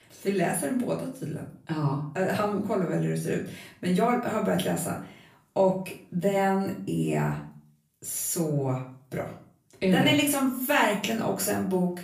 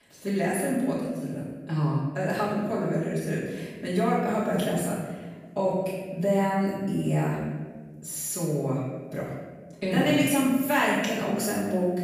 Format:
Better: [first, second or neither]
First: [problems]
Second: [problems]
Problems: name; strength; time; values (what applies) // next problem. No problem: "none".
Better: first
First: room echo; slight; dies away in 0.4 s // off-mic speech; far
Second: room echo; strong; dies away in 1.4 s // off-mic speech; far